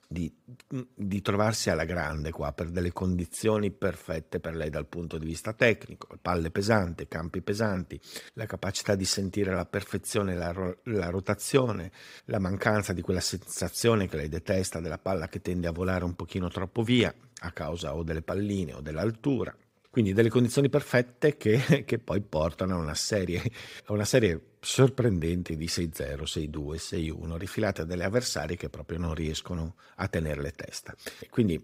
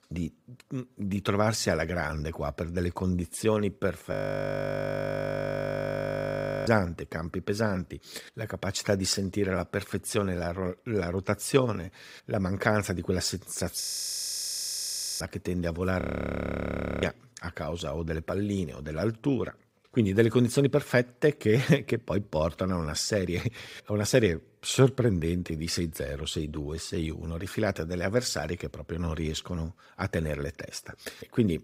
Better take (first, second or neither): first